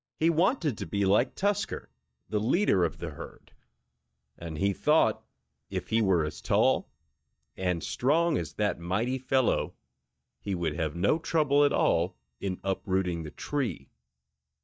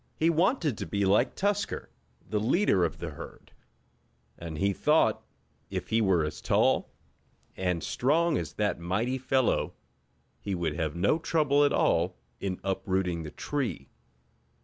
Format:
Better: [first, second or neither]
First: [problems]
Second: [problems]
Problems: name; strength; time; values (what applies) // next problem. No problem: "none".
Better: second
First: noise reduction (neural mask model DeepFilterNet 3)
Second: none